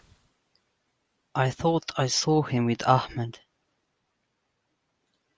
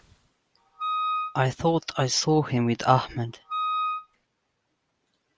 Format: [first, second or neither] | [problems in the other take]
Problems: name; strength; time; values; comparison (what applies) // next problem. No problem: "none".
first | background sound (Wind instrument, woodwind instrument); 2 dB below the speech